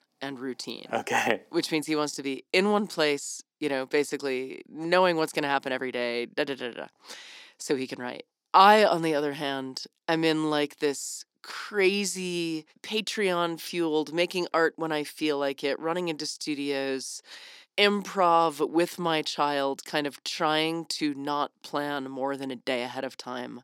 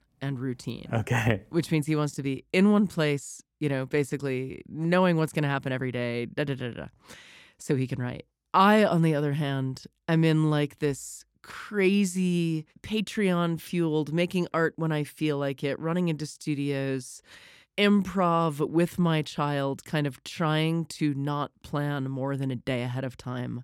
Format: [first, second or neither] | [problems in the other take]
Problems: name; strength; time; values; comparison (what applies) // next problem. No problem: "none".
second | thin; somewhat; fading below 300 Hz